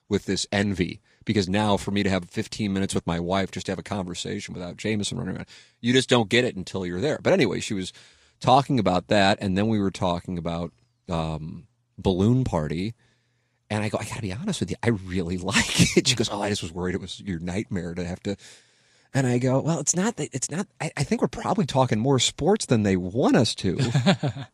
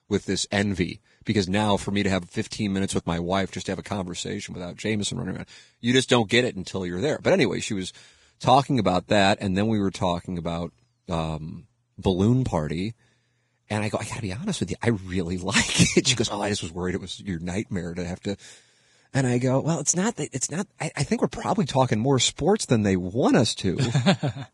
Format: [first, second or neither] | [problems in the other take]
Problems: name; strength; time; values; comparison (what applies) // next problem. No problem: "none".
first | garbled, watery; badly; nothing above 10 kHz; slightly in the first